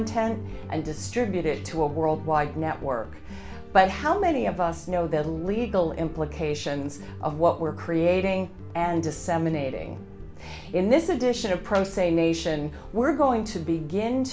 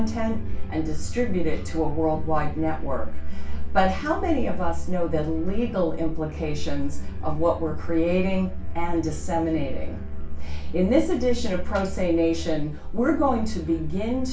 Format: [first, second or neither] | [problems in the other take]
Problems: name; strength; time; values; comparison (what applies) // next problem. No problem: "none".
first | background sound (Musical instrument); 14 dB below the speech // room echo; dies away in 0.2 s